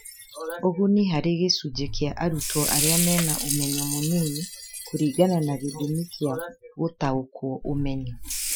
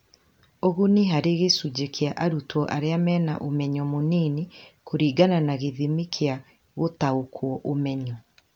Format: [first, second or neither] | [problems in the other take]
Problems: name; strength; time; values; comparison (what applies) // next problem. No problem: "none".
second | noise reduction (classical method Wiener filter)